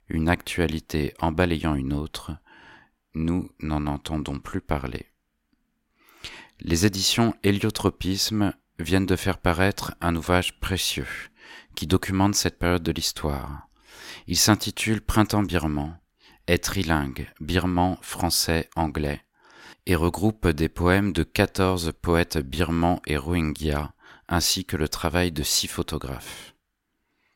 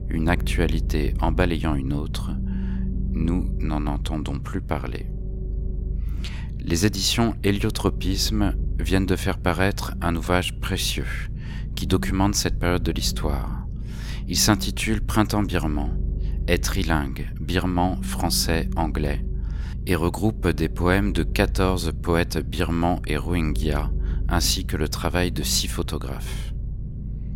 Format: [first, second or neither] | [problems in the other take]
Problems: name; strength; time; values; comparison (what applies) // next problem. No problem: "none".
first | low rumble; noticeable; throughout; 20 dB below the speech